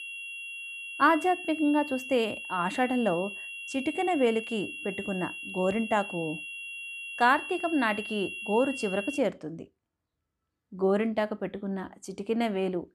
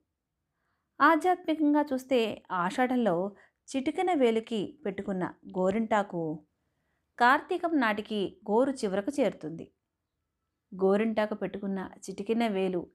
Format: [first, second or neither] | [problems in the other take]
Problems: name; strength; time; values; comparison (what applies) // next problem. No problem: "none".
second | high-pitched whine; loud; until 9 s; 2.5 kHz, 8 dB below the speech